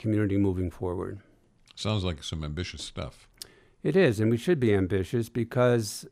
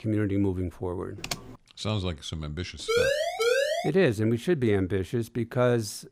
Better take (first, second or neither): first